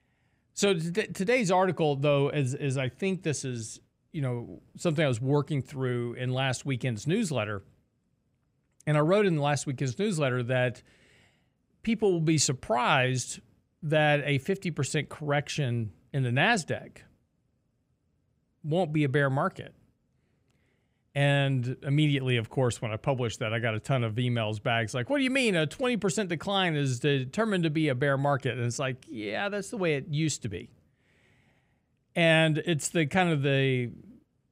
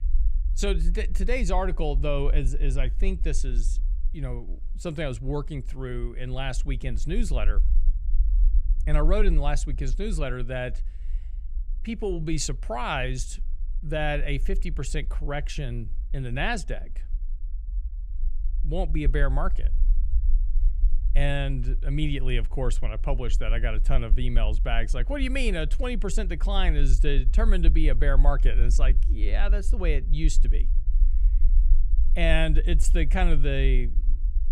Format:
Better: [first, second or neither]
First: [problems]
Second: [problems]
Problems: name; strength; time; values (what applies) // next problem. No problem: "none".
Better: first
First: none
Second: low rumble; faint; throughout; 20 dB below the speech